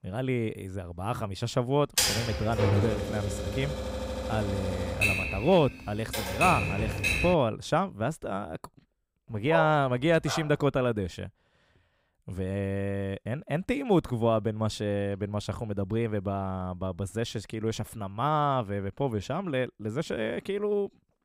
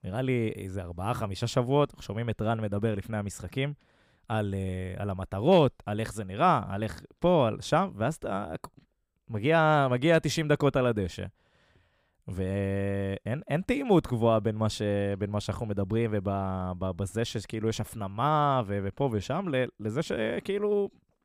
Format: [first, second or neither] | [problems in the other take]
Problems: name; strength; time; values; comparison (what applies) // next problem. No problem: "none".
second | keyboard typing; loud; from 2 to 7.5 s; peak 5 dB above the speech // dog barking; noticeable; at 9.5 s; peak 2 dB below the speech